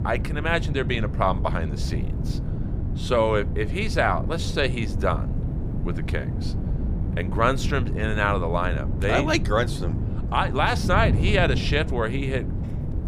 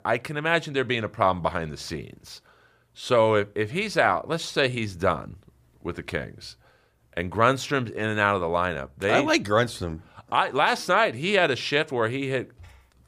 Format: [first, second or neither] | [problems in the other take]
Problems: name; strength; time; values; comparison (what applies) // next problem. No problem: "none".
second | wind noise on the microphone; occasional gusts; 15 dB below the speech